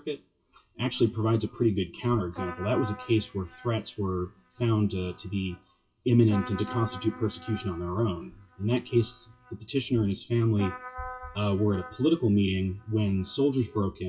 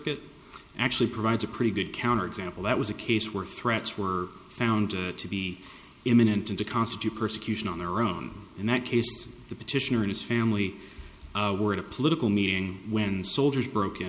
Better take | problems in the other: second | noise reduction (classical method WPE with log-MMSE)

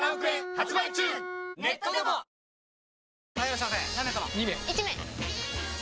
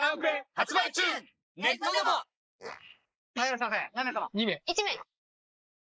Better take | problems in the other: first | noise reduction (neural mask model Resemble Enhance denoiser)

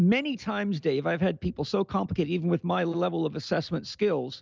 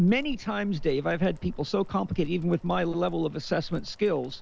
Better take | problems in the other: first | background sound (Boiling); 12 dB below the speech

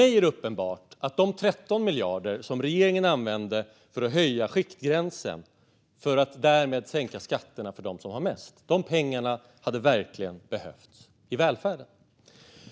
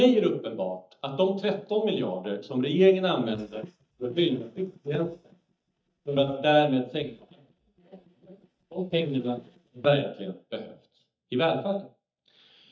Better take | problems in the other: first | noise reduction (neural mask model DeepFilterNet 3)

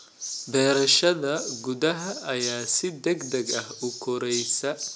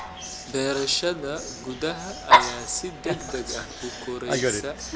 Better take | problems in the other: first | background sound (Dog); 3 dB above the speech

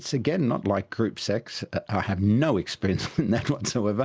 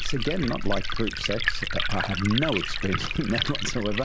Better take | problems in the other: first | background sound (Liquid); 1 dB above the speech

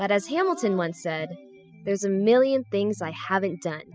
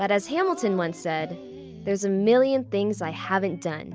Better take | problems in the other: second | noise reduction (classical method spectral subtraction)

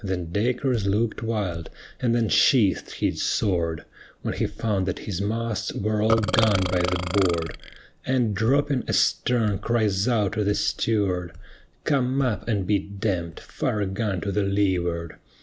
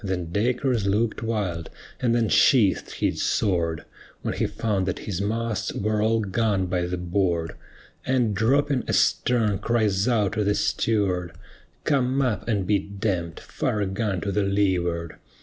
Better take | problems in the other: second | background sound (Burping, eructation); 4 dB below the speech

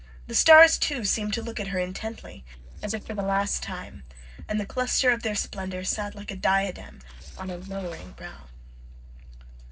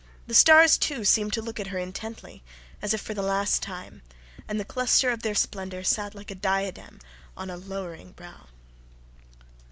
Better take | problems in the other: second | noise reduction (neural separator model SepFormer DNS4)

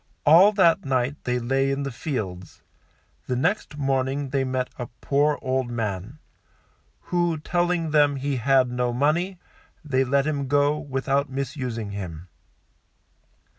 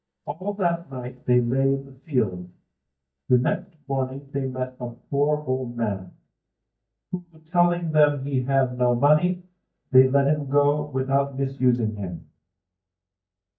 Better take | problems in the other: first | noise reduction (neural mask model DeepFilterNet 3)

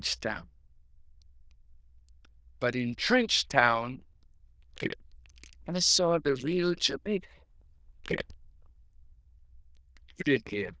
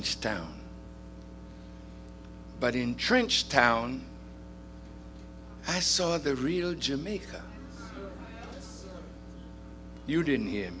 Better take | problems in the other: second | noise reduction (neural diffusion model UNIVERSE++)

